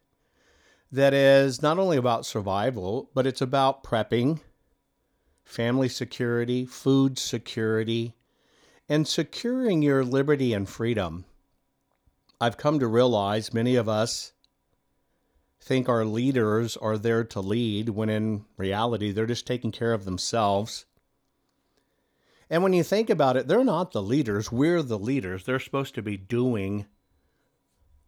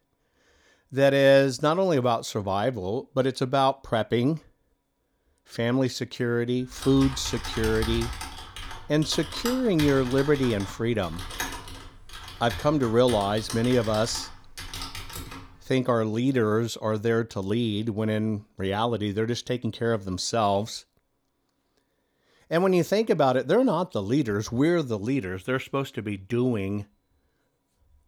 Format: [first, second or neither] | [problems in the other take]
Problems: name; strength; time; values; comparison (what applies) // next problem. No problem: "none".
first | keyboard typing; noticeable; from 6.5 to 16 s; peak 6 dB below the speech